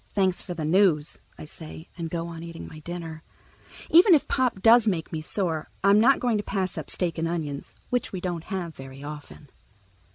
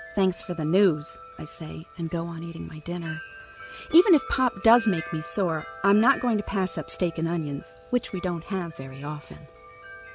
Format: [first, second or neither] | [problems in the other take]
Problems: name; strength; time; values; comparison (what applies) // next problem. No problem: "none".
first | background sound (Wind chime); 16 dB below the speech